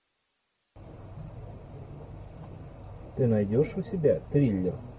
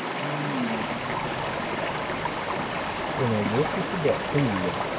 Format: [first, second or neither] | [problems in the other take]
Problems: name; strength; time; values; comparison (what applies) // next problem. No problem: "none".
first | background sound (Stream); 3 dB above the speech